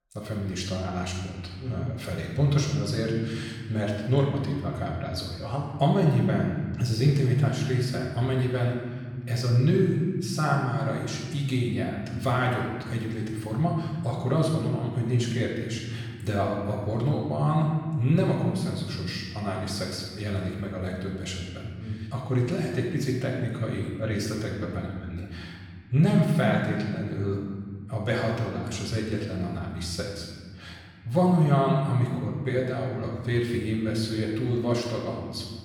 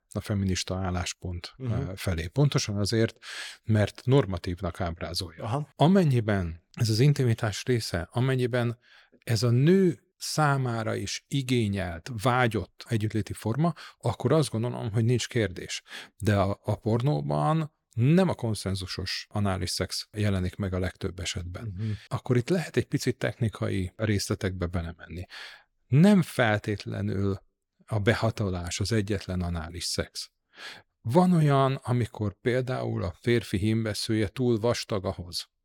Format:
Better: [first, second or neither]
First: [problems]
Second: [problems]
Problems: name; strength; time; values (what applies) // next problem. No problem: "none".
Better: second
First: off-mic speech; far // room echo; noticeable; dies away in 1.8 s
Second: none